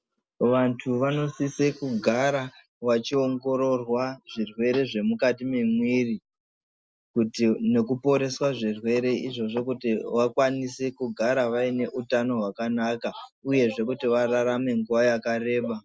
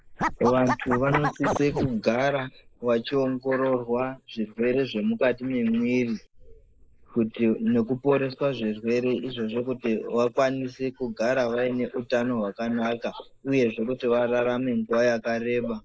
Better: first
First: none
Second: noise reduction (neural mask model Resemble Enhance denoiser)

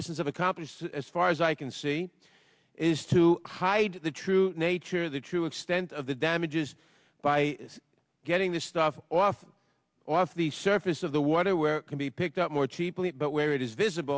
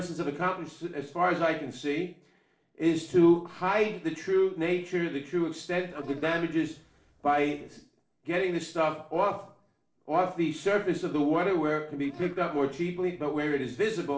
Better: first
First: none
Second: noise reduction (neural separator model SepFormer DNS4)

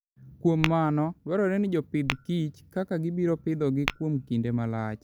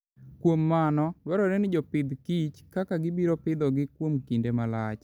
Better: second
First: background sound (Tap / Glass); 12 dB below the speech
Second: none

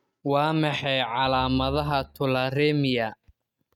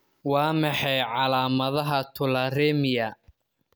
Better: second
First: noise reduction (neural mask model RNNoise)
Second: none

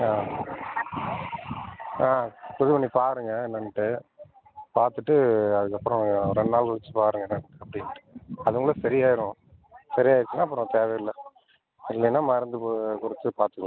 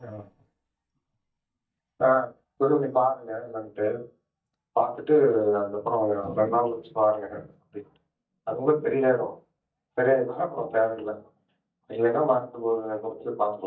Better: first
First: none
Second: noise reduction (neural mask model DeepFilterNet 3)

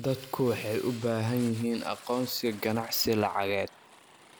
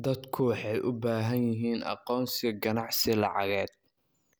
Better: second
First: background sound (Fire); 19 dB below the speech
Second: none

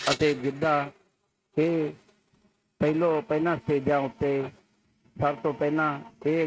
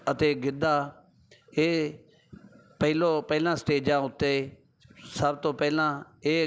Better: second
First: noise reduction (neural mask model RNNoise)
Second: none

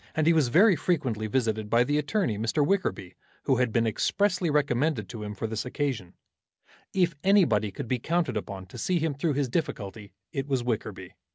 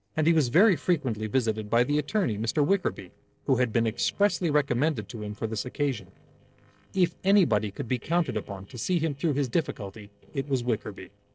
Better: first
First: none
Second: noise reduction (neural separator model SepFormer DNS4)

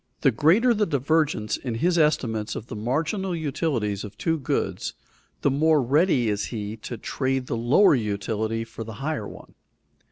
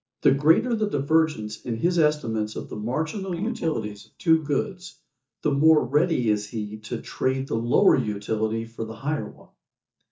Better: first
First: none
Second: noise reduction (neural mask model DeepFilterNet 3)

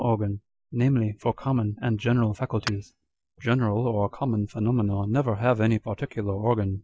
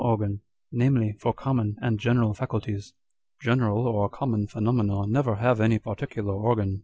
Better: second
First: noise reduction (neural mask model DeepFilterNet 3)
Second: none

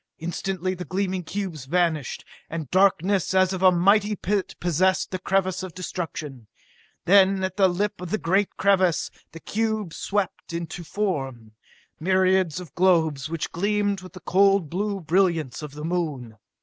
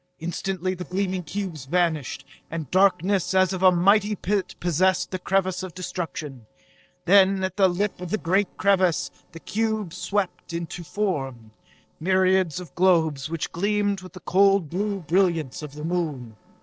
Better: first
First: none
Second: noise reduction (neural separator model SepFormer DNS4)

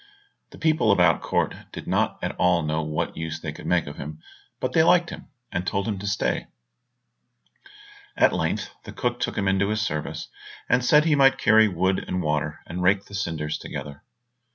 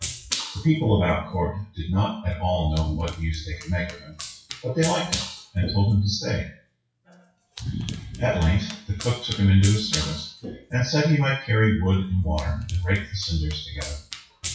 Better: first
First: none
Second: noise reduction (classical method WPE with log-MMSE)

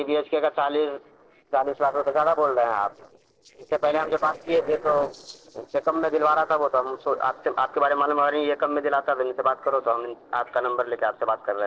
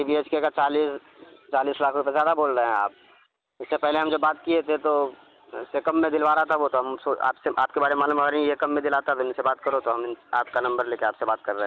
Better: second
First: noise reduction (neural separator model SepFormer DNS4)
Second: none

